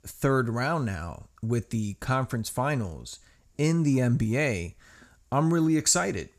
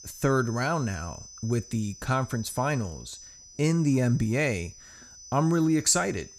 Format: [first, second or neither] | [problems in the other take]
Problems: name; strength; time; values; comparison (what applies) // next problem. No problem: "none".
first | high-pitched whine; noticeable; throughout; 6 kHz, 20 dB below the speech